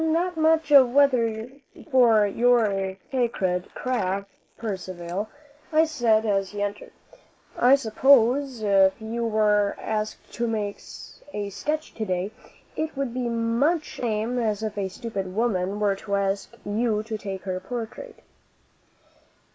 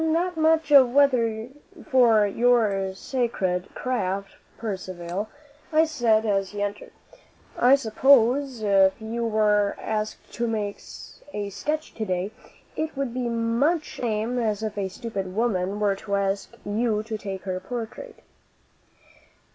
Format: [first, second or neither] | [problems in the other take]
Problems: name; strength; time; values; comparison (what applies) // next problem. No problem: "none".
second | noise reduction (neural mask model Resemble Enhance denoiser)